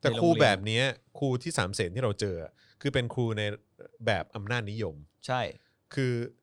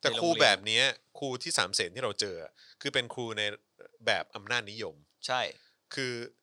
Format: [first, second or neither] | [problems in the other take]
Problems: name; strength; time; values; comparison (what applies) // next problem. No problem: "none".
first | thin; somewhat; fading below 850 Hz